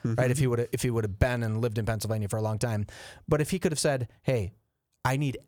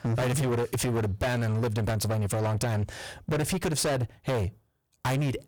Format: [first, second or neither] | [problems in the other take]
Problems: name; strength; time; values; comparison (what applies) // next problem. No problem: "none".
first | distortion; heavy; 27% of the sound clipped